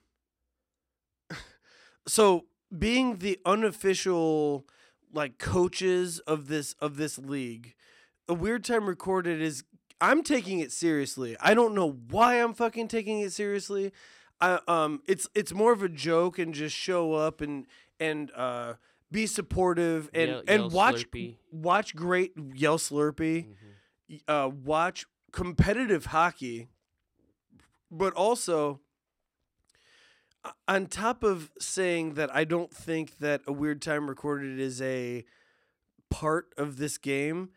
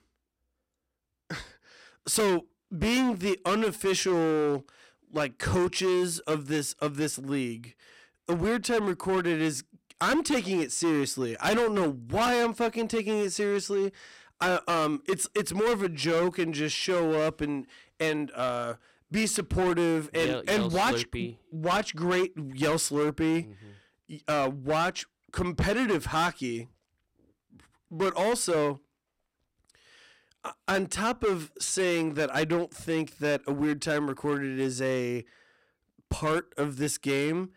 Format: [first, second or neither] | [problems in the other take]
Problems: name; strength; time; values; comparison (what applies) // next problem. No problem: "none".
first | distortion; heavy; 12% of the sound clipped